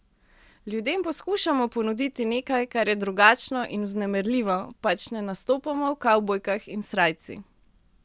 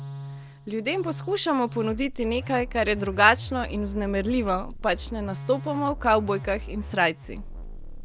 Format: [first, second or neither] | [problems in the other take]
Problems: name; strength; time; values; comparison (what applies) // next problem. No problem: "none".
first | background sound (Musical instrument); 10 dB below the speech